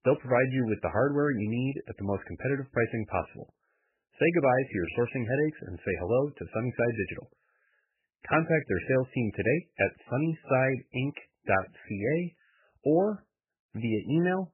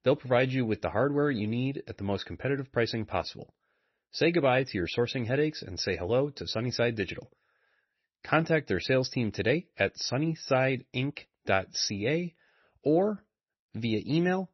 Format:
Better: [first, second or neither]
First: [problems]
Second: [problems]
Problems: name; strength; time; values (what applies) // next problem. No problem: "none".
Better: second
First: garbled, watery; badly; nothing above 2.5 kHz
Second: garbled, watery; slightly; nothing above 6 kHz